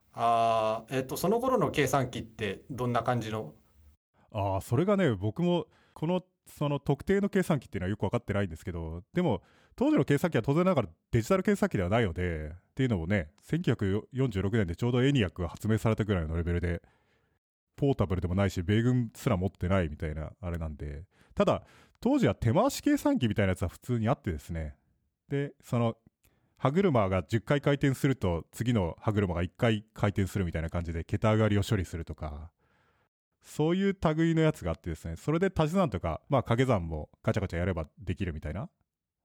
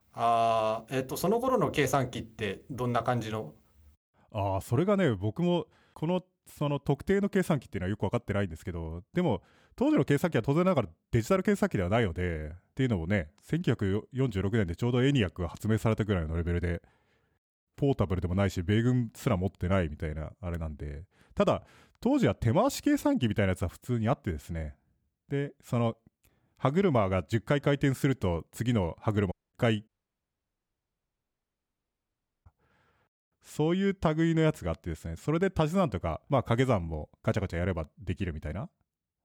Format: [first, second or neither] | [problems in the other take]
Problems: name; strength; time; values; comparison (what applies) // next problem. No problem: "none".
first | audio cutting out; at 29 s and at 30 s for 2.5 s